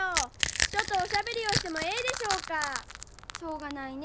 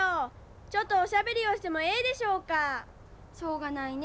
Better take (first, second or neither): second